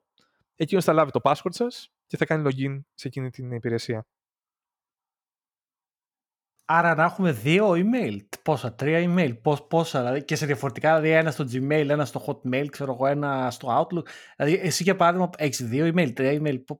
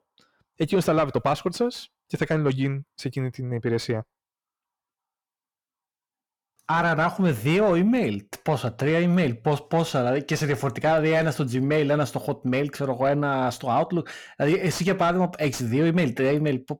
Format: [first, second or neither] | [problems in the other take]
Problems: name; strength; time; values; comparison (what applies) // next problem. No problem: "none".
first | distortion; slight; 10 dB below the speech